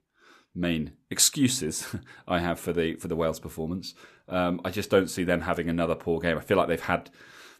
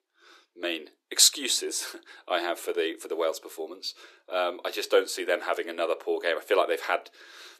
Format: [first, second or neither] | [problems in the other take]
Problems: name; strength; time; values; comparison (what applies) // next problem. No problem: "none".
first | thin; very; fading below 350 Hz